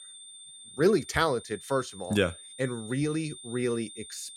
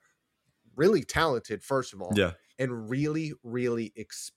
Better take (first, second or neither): second